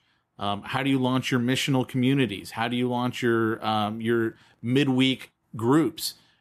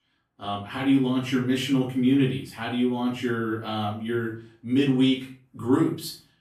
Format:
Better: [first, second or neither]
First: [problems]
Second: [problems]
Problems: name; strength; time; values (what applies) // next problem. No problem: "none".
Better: first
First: none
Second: off-mic speech; far // room echo; slight; dies away in 0.4 s